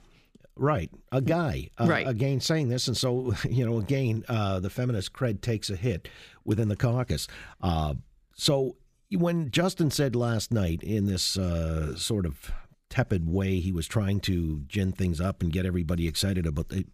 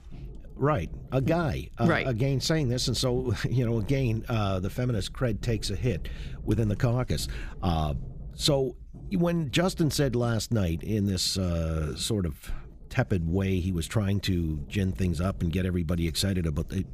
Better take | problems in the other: first | low rumble; faint; throughout; 25 dB below the speech

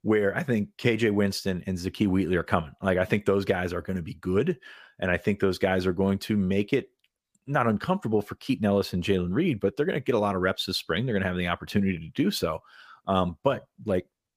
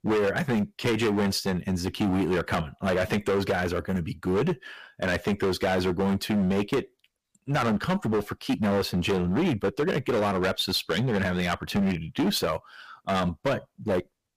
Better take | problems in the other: first | distortion; heavy; 16% of the sound clipped

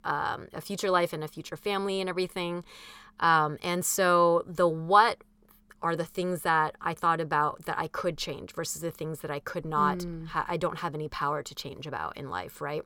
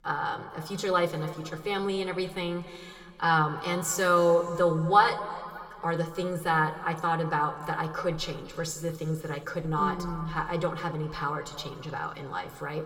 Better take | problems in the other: first | room echo; slight; dies away in 2.2 s

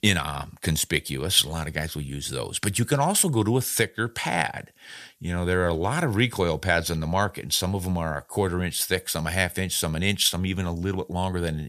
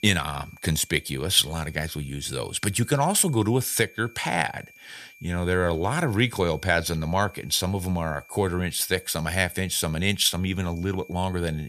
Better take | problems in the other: first | high-pitched whine; faint; throughout; 2.5 kHz, 25 dB below the speech

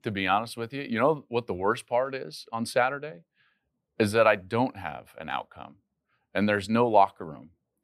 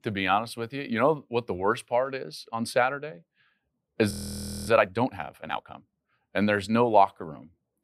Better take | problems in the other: first | audio freezing; at 4 s for 0.5 s

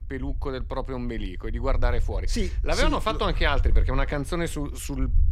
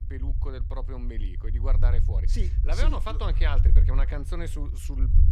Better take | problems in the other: first | low rumble; loud; throughout; 9 dB below the speech; faint in the first

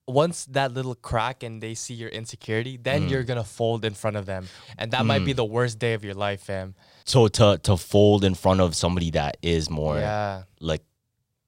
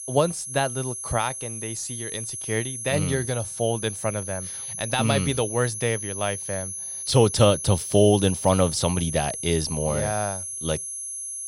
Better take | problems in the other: first | high-pitched whine; loud; throughout; 10.5 kHz, 6 dB below the speech

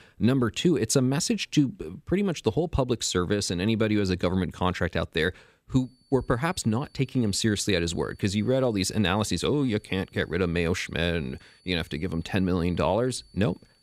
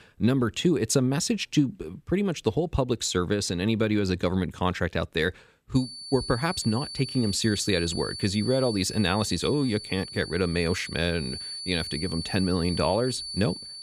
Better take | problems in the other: first | high-pitched whine; loud; from 6 s on; 4.5 kHz, 8 dB below the speech; faint in the first

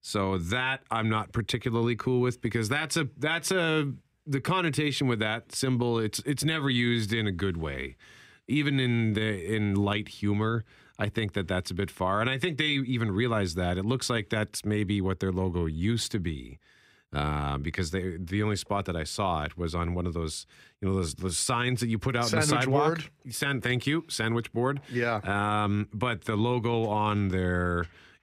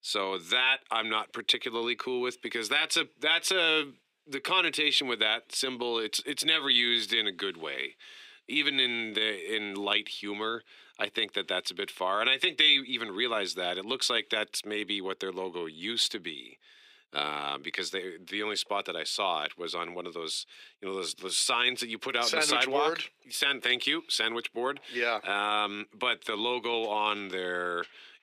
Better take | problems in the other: first | thin; somewhat; fading below 350 Hz

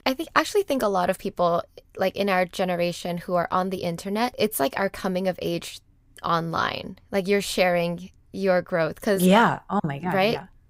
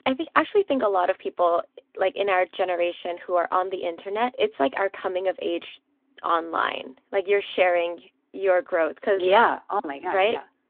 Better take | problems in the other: first | phone-call audio

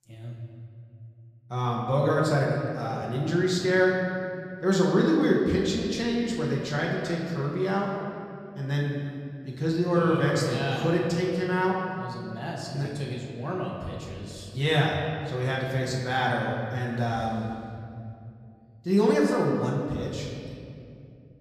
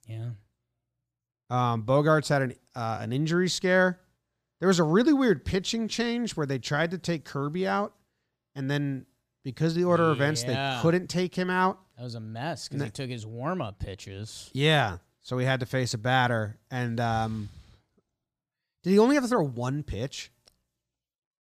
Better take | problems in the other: second | off-mic speech; far // room echo; noticeable; dies away in 2.2 s

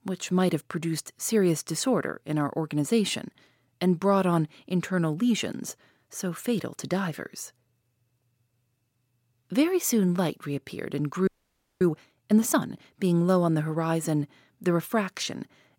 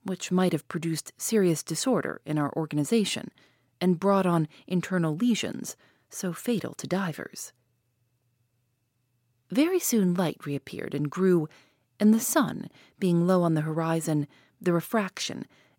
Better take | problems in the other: second | audio freezing; at 11 s for 0.5 s

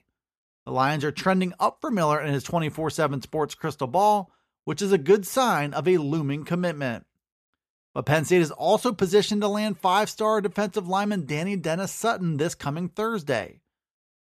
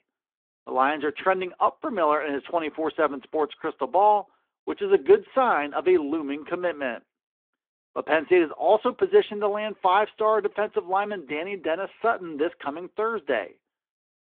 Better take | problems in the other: first | phone-call audio

